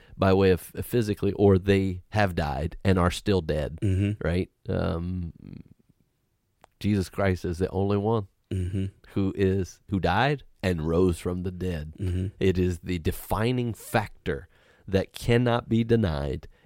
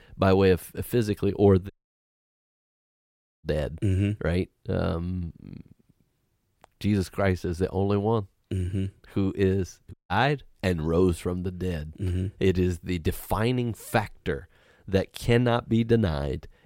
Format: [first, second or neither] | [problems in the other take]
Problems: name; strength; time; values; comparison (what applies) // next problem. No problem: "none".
first | audio cutting out; at 1.5 s for 1.5 s and at 10 s